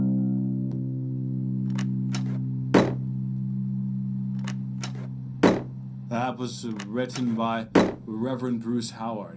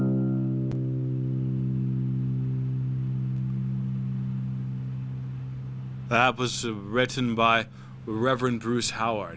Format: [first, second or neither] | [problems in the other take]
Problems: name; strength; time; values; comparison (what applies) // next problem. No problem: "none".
second | background sound (Slam); 1 dB below the speech // room echo; dies away in 0.3 s